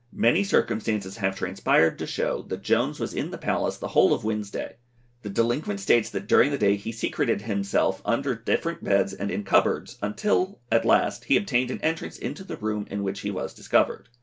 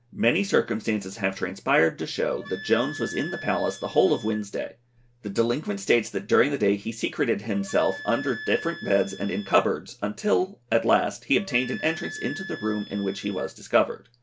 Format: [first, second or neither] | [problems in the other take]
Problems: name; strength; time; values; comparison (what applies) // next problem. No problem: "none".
first | background sound (Wind instrument, woodwind instrument); 16 dB below the speech